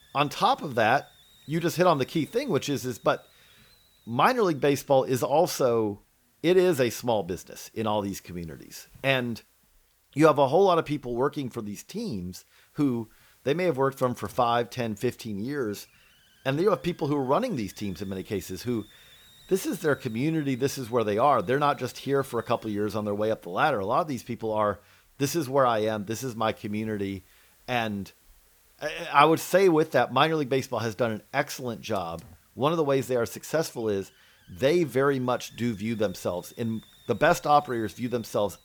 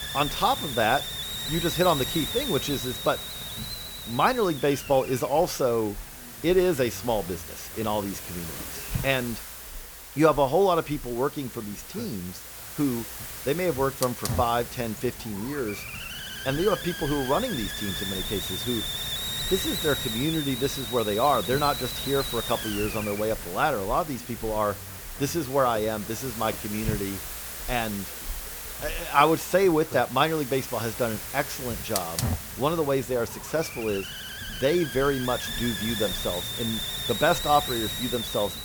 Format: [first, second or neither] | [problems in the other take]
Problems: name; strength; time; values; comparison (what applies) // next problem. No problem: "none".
first | hiss; loud; throughout; 6 dB below the speech; faint in the first